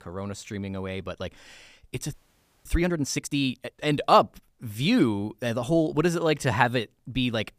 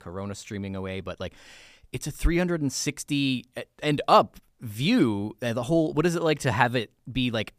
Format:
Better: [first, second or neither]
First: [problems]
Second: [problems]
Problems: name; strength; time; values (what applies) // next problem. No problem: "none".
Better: second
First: audio freezing; at 2 s for 0.5 s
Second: none